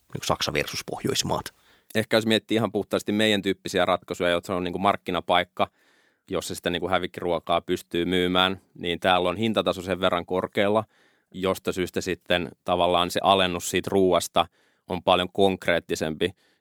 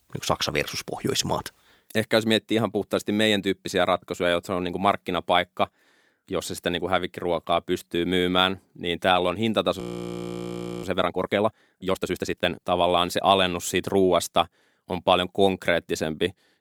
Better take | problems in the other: first | audio freezing; at 10 s for 1 s

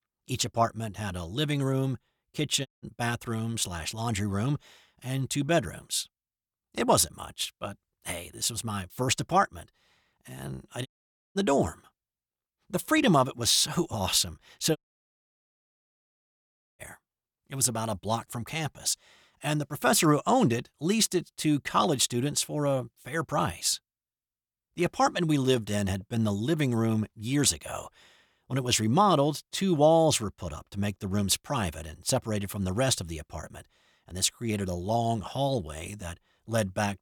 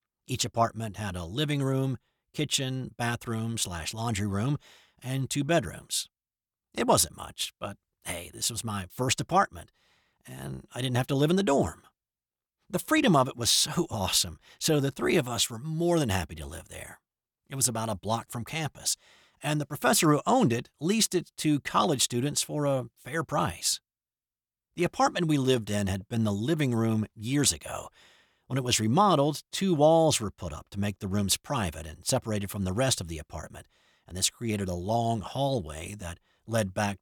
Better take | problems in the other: second | audio cutting out; at 2.5 s, at 11 s and at 15 s for 2 s

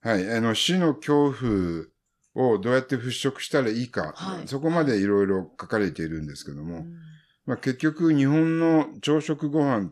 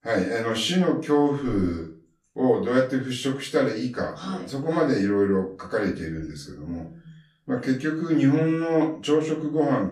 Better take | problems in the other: first | off-mic speech; far // room echo; slight; dies away in 0.3 s

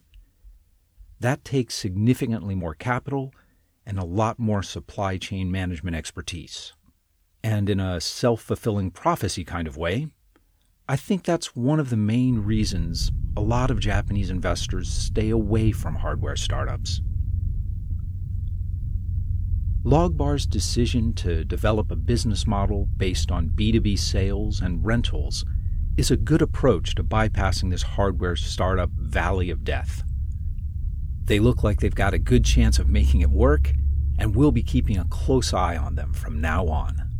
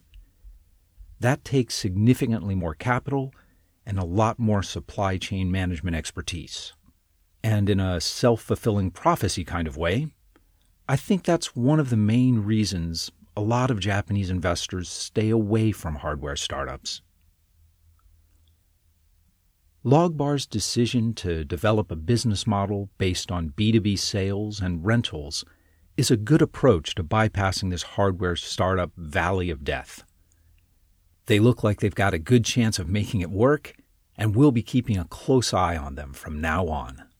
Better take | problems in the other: second | low rumble; noticeable; from 12 s on; 15 dB below the speech

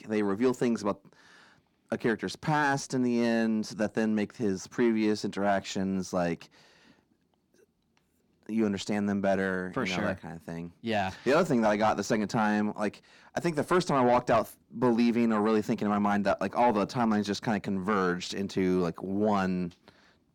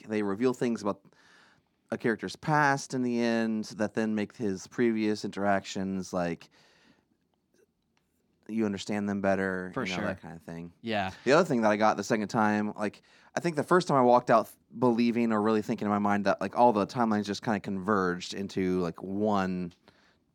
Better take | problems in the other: second | distortion; slight; 10 dB below the speech

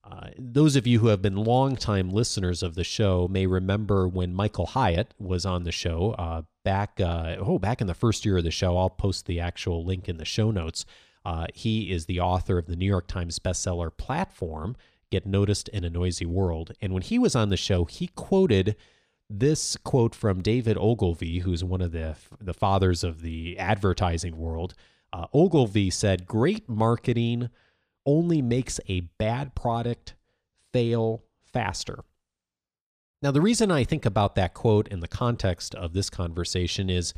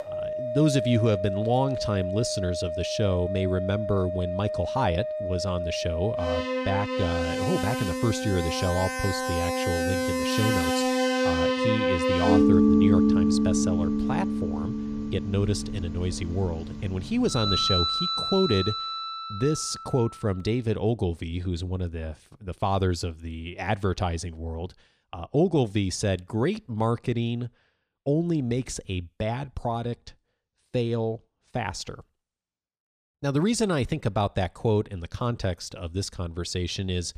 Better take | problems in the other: first | background music; very loud; until 20 s; 1 dB above the speech

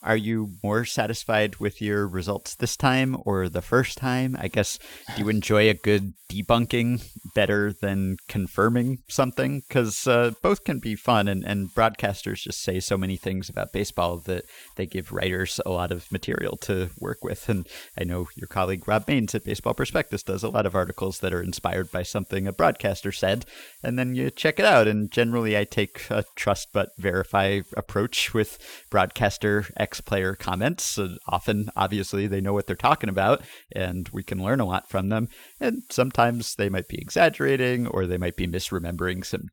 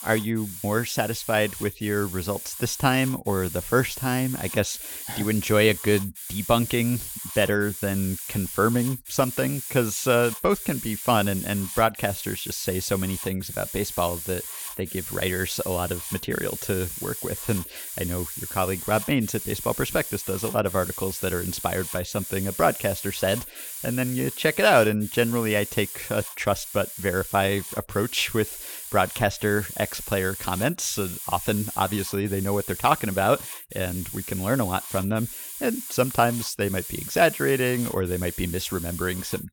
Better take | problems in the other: first | hiss; loud; throughout; 8 dB below the speech; faint in the first

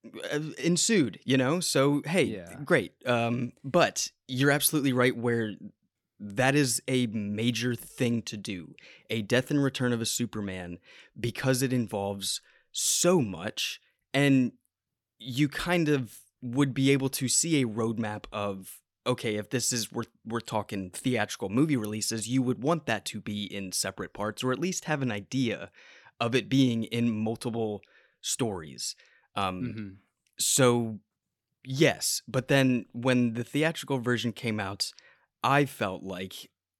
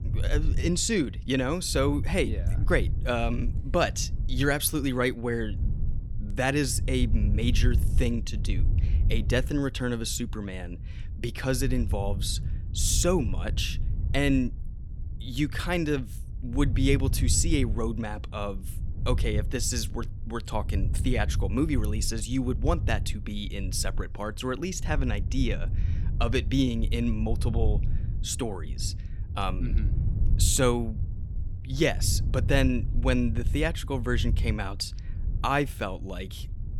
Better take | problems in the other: first | low rumble; noticeable; throughout; 15 dB below the speech

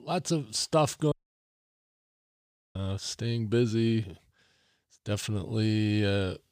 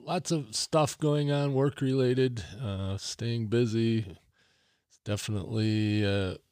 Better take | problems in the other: second | audio cutting out; at 1 s for 1.5 s

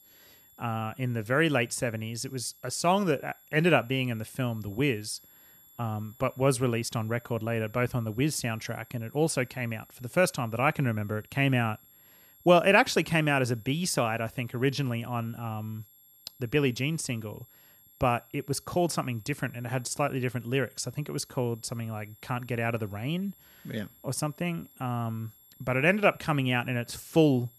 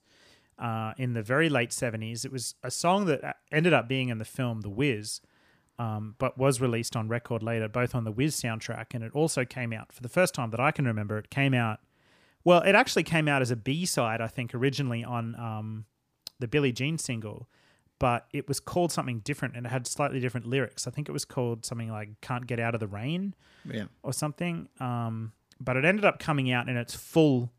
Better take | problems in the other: second | high-pitched whine; faint; throughout; 11.5 kHz, 25 dB below the speech

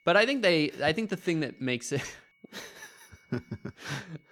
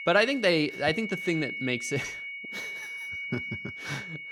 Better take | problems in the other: first | high-pitched whine; loud; throughout; 2 kHz, 7 dB below the speech; faint in the first

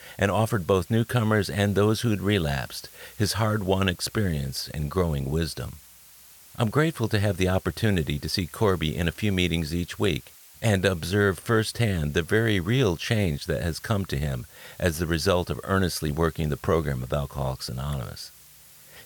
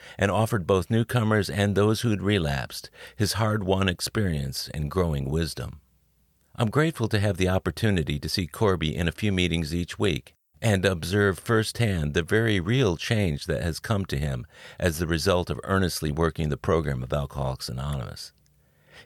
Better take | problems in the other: second | hiss; faint; throughout; 20 dB below the speech

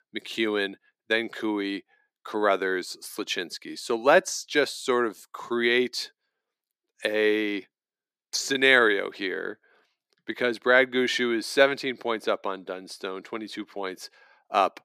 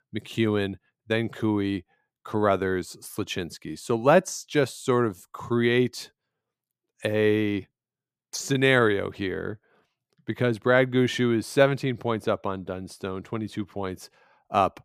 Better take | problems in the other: second | thin; somewhat; fading below 300 Hz

